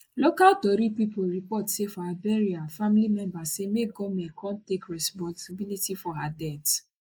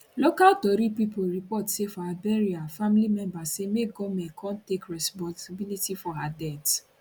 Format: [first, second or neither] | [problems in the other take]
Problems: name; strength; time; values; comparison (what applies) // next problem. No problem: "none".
second | noise reduction (neural mask model Resemble Enhance denoiser)